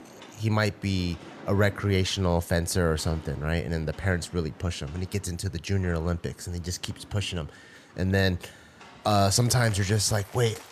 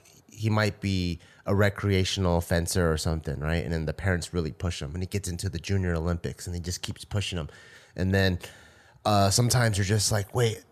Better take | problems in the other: second | rain or running water; faint; throughout; 20 dB below the speech

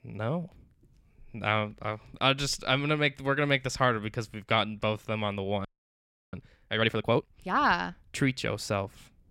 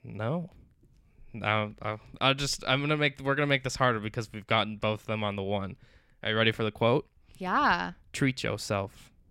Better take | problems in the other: second | audio freezing; at 5.5 s for 0.5 s

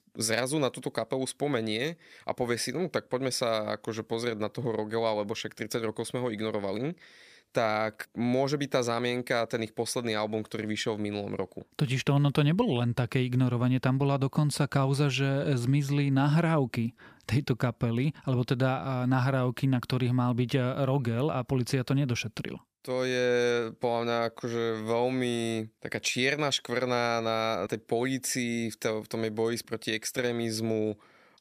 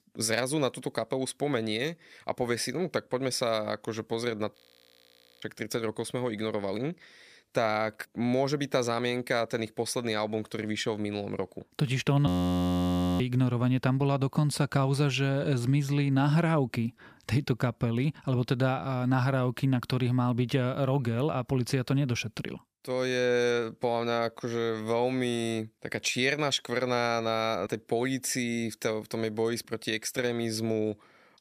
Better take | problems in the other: first | audio freezing; at 4.5 s for 1 s and at 12 s for 1 s

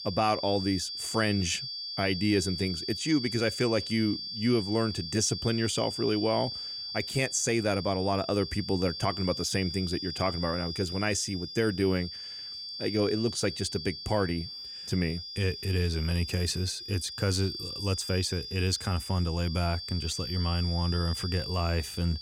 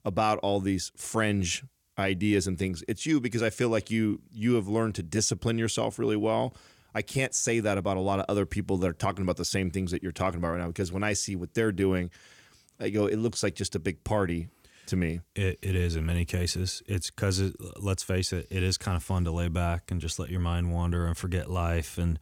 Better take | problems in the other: second | high-pitched whine; loud; throughout; 4.5 kHz, 6 dB below the speech

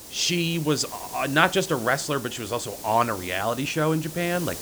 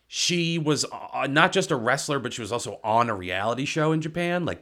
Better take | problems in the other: second | hiss; noticeable; throughout; 10 dB below the speech

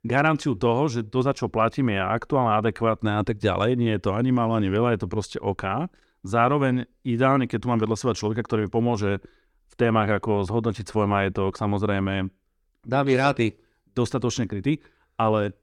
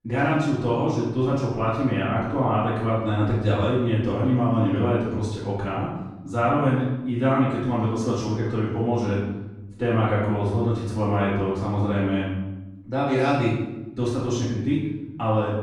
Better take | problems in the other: first | off-mic speech; far // room echo; noticeable; dies away in 0.9 s

